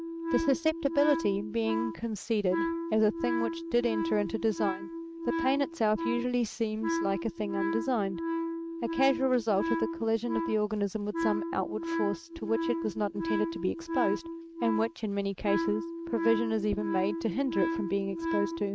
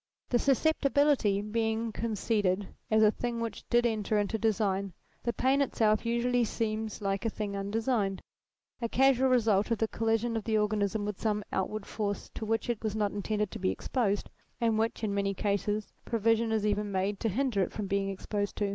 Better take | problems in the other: second | noise reduction (neural mask model RNNoise)

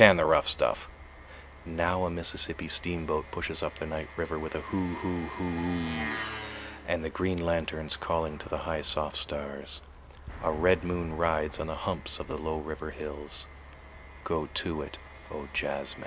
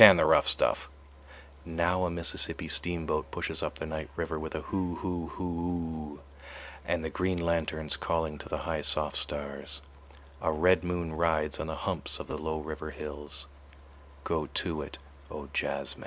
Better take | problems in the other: second | background sound (Engine); 14 dB below the speech

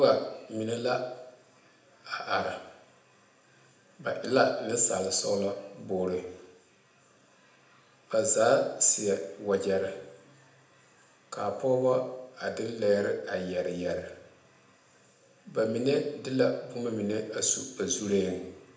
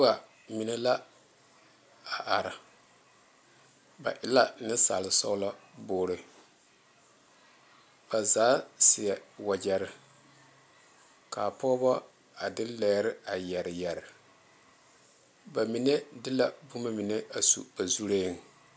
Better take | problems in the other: second | room echo; dies away in 0.8 s

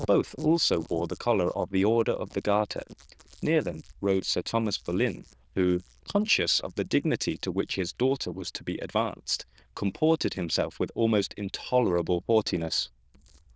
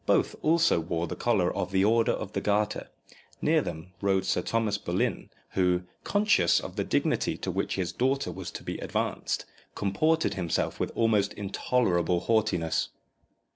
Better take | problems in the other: second | noise reduction (neural diffusion model UNIVERSE++)

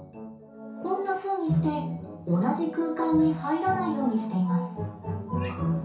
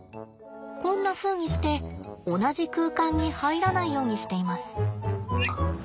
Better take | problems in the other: second | room echo; dies away in 0.6 s

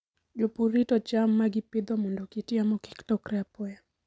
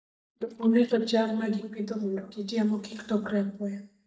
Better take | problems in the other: first | noise reduction (neural mask model DeepFilterNet 3)

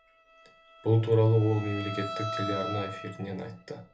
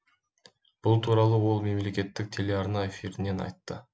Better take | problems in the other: second | background sound (Bowed string instrument); 10 dB below the speech // room echo; dies away in 0.3 s

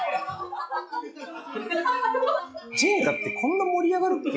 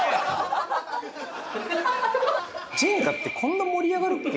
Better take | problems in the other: second | noise reduction (classical method log-MMSE)

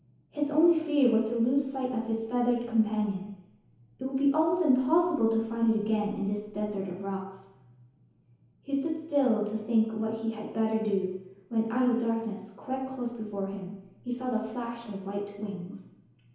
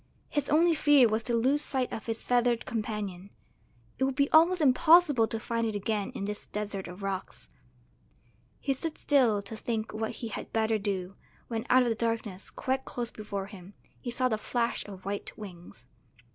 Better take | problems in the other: second | room echo; dies away in 1 s

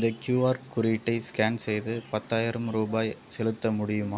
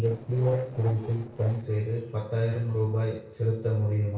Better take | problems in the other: first | noise reduction (neural separator model SepFormer DNS4)

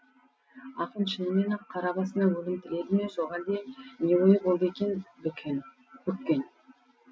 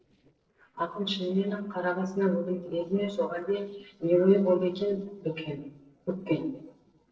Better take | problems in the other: first | noise reduction (neural separator model SepFormer DNS4)

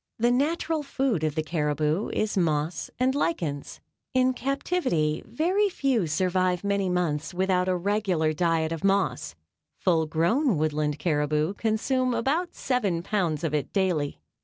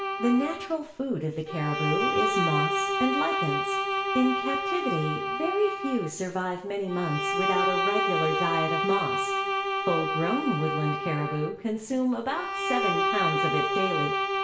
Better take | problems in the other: first | background sound (Bowed string instrument); 1 dB above the speech // room echo; dies away in 0.7 s

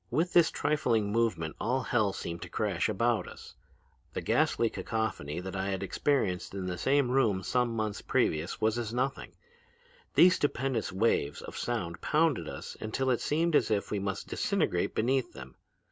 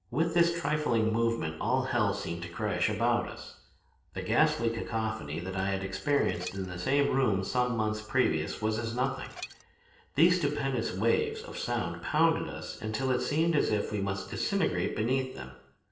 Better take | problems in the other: first | noise reduction (neural separator model SepFormer DNS4)

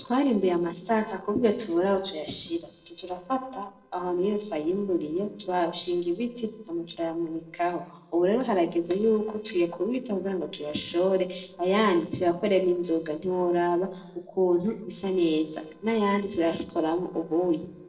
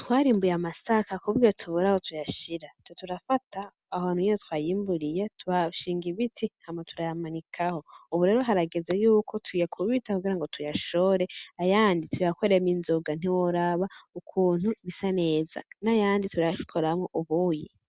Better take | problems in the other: second | noise reduction (neural separator model SepFormer DNS4)

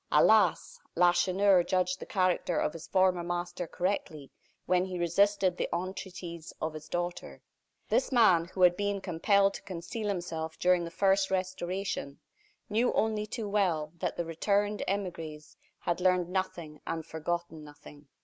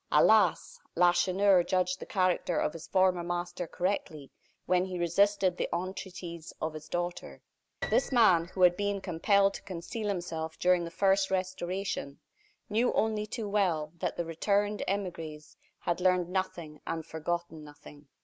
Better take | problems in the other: first | background sound (Piano); 17 dB below the speech

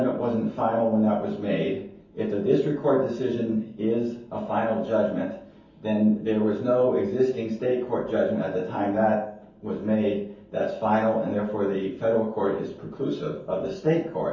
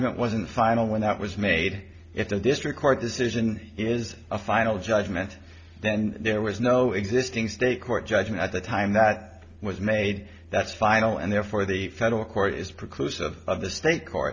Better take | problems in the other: second | room echo; dies away in 0.6 s

